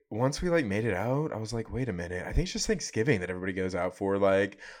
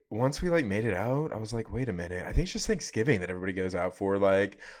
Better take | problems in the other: first | garbled, watery; slightly; nothing above 18 kHz

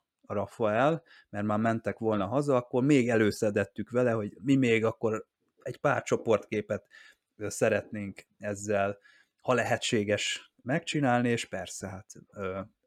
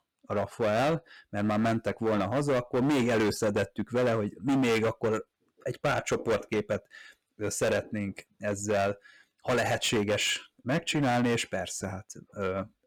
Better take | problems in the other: first | distortion; heavy; 13% of the sound clipped

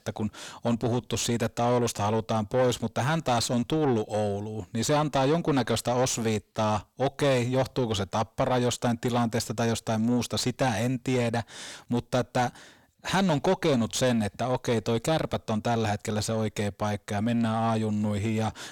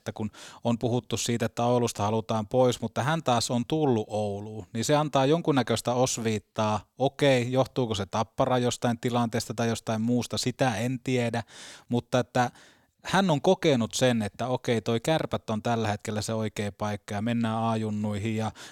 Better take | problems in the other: second | distortion; slight; 9 dB below the speech

